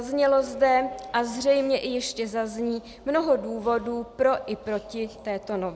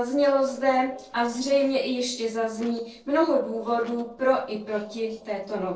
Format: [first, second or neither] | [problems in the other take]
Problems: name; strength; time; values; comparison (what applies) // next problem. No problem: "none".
first | noise reduction (neural separator model SepFormer DNS4)